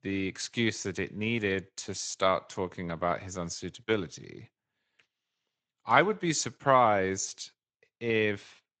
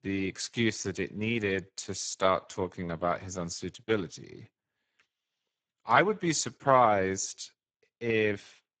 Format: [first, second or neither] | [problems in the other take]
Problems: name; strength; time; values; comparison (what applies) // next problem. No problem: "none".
first | garbled, watery; badly; nothing above 7.5 kHz; slightly in the first